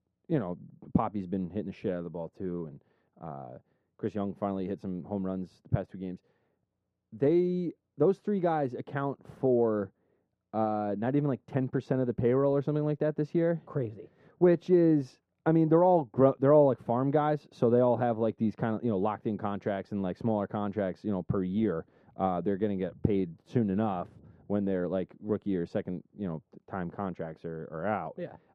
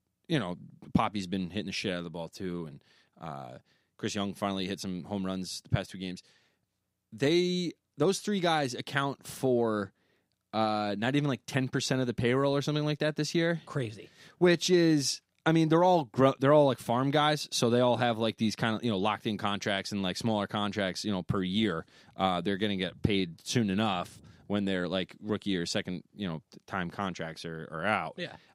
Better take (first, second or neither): second